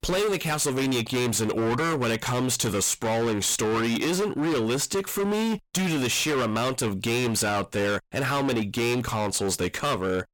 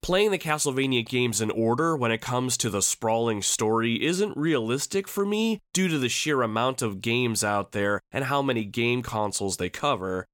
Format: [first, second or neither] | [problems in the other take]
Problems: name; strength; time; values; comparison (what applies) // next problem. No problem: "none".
second | distortion; heavy; 34% of the sound clipped